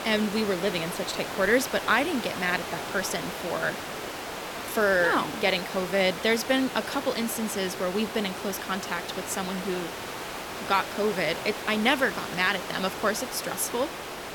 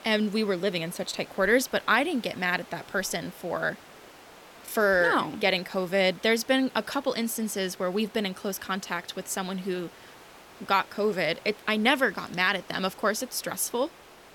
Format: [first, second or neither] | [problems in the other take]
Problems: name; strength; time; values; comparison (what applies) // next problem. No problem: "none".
second | hiss; loud; throughout; 7 dB below the speech; faint in the second